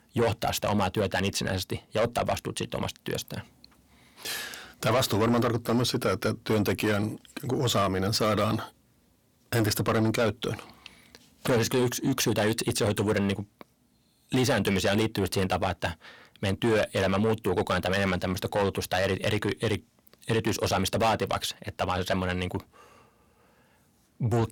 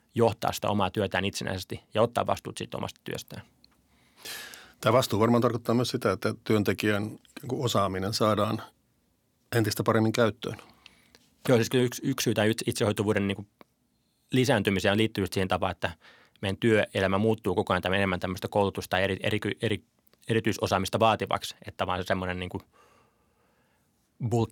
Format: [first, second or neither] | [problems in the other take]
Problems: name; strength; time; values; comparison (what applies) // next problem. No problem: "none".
second | distortion; heavy; 7 dB below the speech